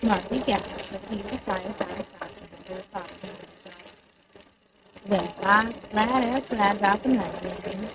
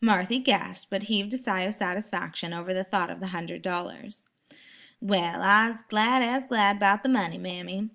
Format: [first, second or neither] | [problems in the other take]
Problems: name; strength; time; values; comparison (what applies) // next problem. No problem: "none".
second | noise reduction (neural mask model RNNoise)